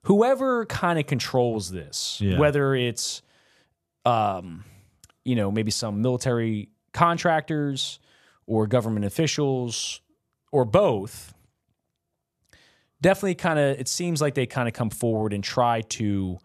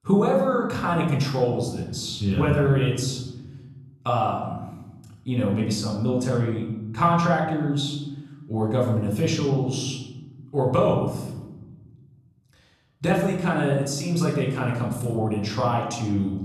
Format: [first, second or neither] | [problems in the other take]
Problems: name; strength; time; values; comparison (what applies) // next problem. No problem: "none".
first | off-mic speech; far // room echo; noticeable; dies away in 1.4 s